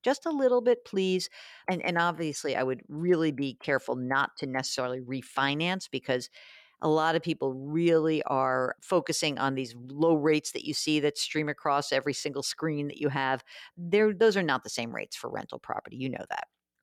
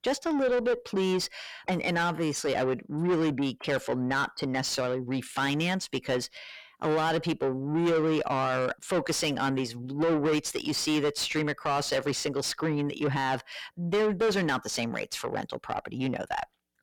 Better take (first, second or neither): first